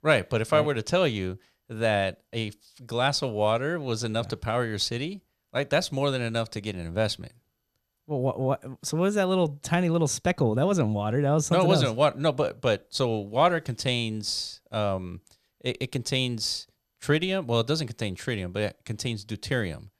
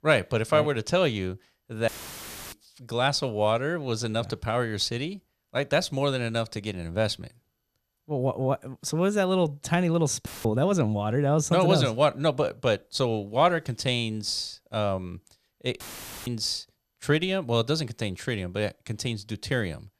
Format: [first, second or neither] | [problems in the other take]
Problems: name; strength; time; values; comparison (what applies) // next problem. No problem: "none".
first | audio cutting out; filled with static; at 2 s for 0.5 s, at 10 s and at 16 s